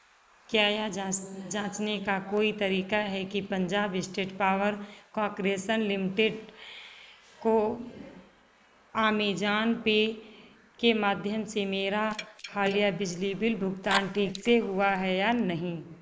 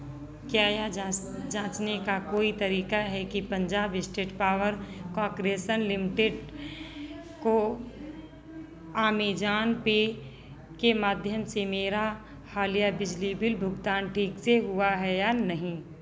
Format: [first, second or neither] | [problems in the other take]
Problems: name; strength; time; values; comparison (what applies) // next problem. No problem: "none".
second | noise reduction (neural mask model Resemble Enhance denoiser)